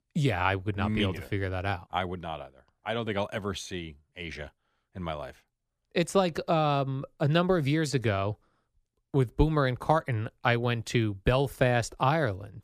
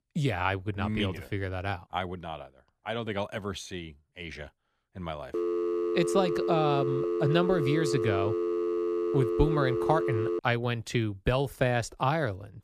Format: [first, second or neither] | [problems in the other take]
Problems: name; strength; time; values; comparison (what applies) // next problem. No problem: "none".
first | phone ringing; loud; from 5.5 to 10 s; peak 1 dB above the speech